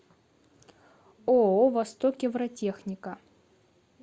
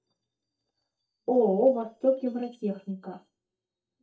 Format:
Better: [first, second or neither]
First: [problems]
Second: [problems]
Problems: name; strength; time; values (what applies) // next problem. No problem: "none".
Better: first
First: none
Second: noise reduction (neural mask model DeepFilterNet 3)